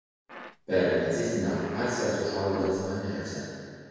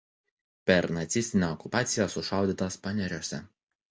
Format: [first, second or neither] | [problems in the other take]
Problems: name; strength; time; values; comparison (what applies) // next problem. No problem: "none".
second | background sound (Fart); 15 dB below the speech // room echo; dies away in 2.2 s